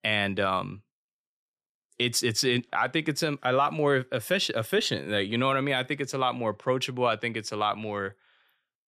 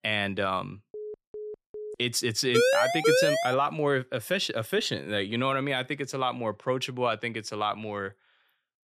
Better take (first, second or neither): first